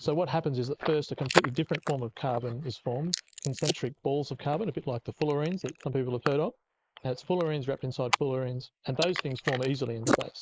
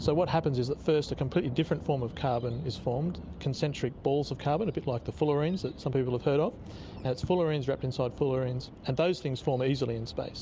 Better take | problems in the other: second | noise reduction (neural mask model Resemble Enhance denoiser)

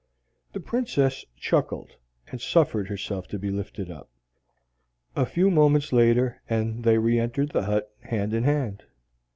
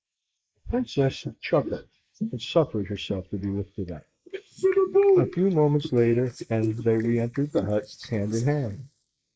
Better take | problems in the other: first | noise reduction (neural mask model Resemble Enhance denoiser)

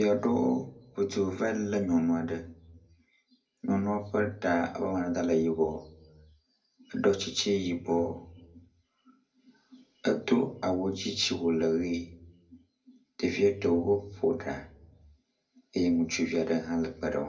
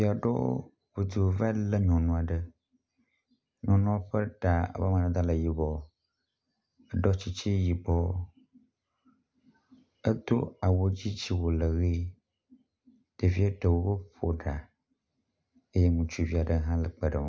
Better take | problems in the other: second | room echo; dies away in 0.2 s

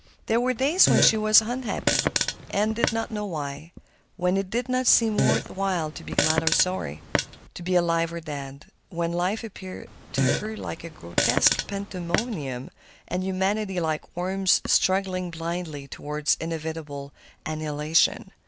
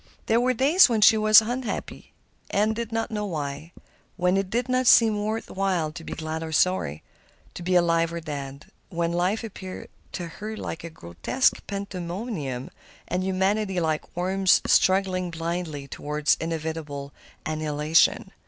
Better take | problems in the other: second | background sound (Fart); 1 dB below the speech

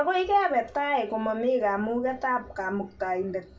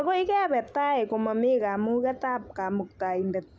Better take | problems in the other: second | room echo; dies away in 0.2 s

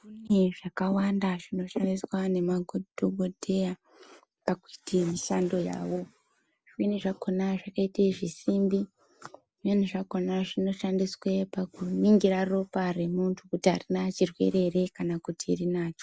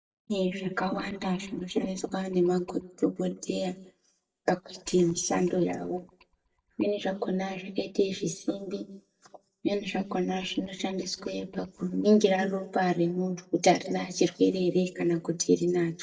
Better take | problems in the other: first | noise reduction (neural mask model DeepFilterNet 3)

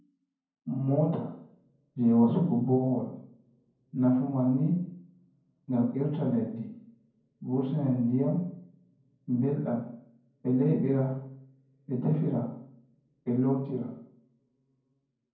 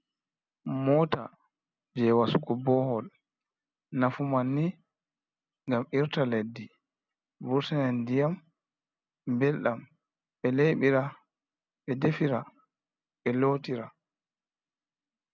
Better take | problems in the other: second | room echo; dies away in 0.9 s

